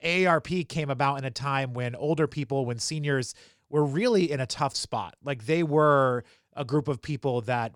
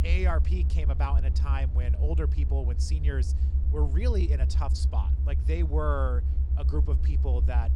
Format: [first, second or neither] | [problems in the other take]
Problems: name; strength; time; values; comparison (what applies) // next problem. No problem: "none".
first | low rumble; loud; throughout; 8 dB below the speech